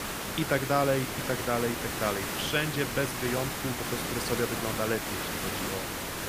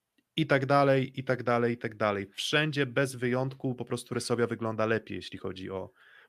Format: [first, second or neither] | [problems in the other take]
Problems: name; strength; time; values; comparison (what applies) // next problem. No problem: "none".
second | hiss; loud; throughout; 1 dB below the speech